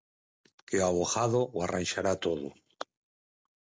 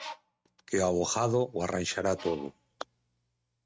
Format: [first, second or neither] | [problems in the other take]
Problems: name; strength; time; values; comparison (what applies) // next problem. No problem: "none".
first | noise reduction (neural mask model RNNoise)